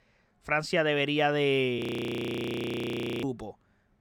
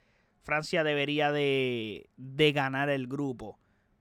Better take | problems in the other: second | audio freezing; at 2 s for 1.5 s

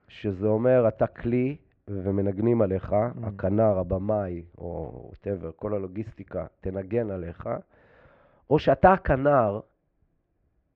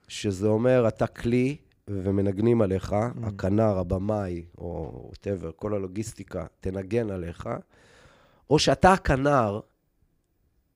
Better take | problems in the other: second | muffled; very; fading above 2.5 kHz

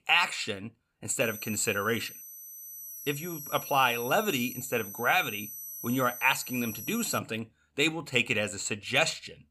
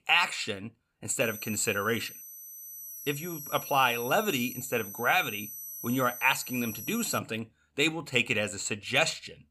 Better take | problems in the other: neither | high-pitched whine; noticeable; from 1 to 7 s; 12 kHz, 10 dB below the speech; the same in both

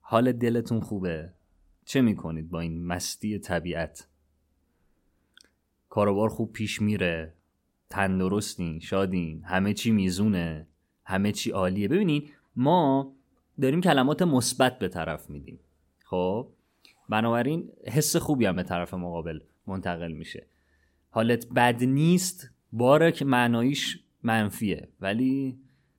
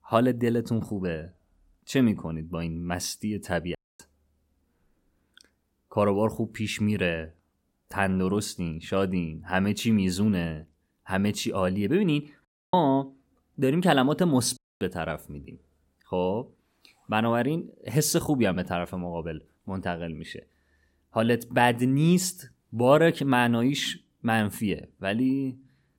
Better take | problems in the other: first | audio cutting out; at 4 s, at 12 s and at 15 s

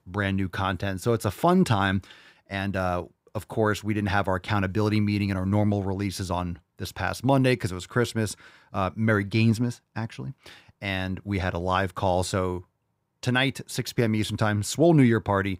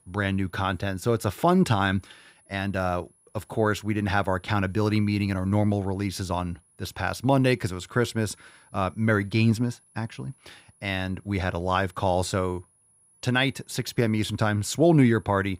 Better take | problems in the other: first | high-pitched whine; faint; throughout; 10.5 kHz, 35 dB below the speech

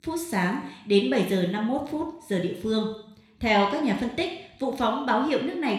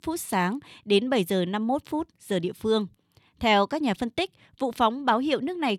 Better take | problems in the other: second | room echo; slight; dies away in 0.7 s

